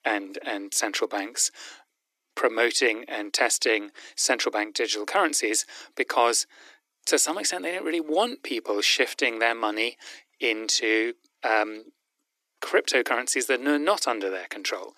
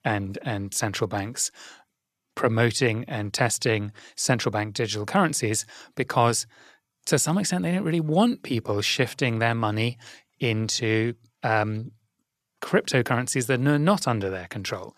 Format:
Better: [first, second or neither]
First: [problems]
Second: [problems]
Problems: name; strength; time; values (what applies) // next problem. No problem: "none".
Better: second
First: thin; somewhat; fading below 300 Hz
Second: none